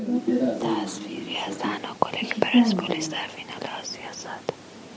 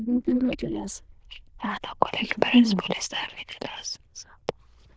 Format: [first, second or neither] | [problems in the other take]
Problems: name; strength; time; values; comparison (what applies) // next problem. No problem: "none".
first | noise reduction (neural diffusion model UNIVERSE++)